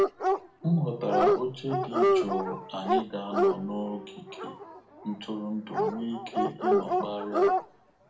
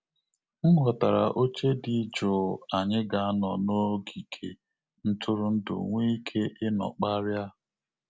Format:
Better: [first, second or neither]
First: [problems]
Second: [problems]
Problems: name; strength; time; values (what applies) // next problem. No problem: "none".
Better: second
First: background sound (Dog); 5 dB above the speech // room echo; dies away in 0.4 s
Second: none